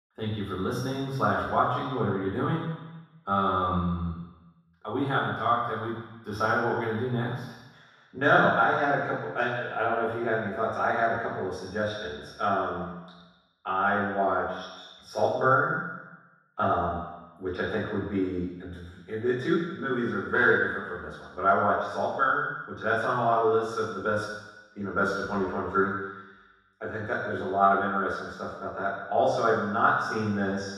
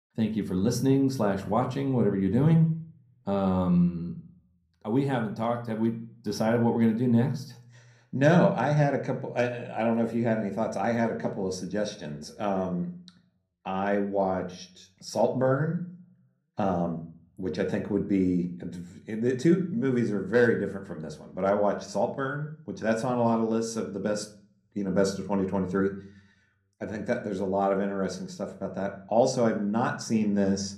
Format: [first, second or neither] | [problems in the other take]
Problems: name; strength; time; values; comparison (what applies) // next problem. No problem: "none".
second | room echo; strong; dies away in 1.2 s; slight in the second // off-mic speech; far; somewhat distant in the second